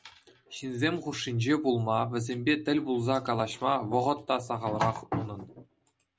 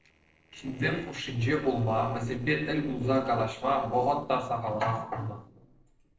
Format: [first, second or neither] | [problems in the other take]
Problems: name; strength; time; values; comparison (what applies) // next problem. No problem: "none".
first | noise reduction (neural separator model SepFormer DNS4)